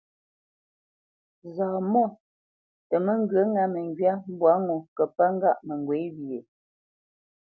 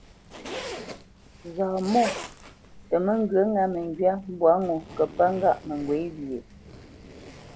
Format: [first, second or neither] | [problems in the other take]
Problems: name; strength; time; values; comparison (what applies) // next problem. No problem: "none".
first | background sound (Zipper (clothing)); 14 dB below the speech